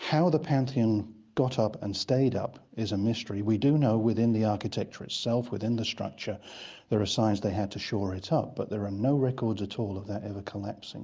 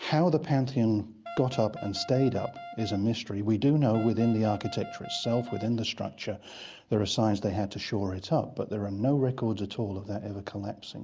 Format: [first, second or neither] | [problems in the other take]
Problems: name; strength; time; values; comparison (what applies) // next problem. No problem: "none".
first | background sound (Wind instrument, woodwind instrument); 14 dB below the speech